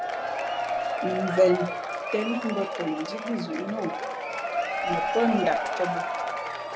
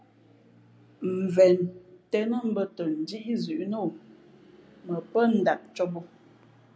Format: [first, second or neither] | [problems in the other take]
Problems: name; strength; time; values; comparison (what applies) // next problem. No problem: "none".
second | background sound (Applause / Crowd / Cheering); 1 dB below the speech